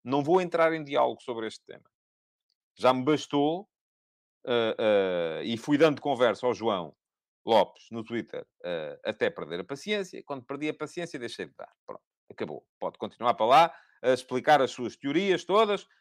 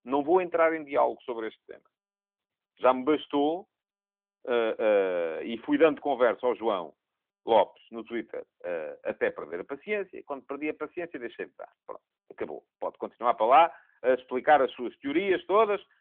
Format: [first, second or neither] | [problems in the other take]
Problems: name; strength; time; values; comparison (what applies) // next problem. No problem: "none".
first | phone-call audio; nothing above 3.5 kHz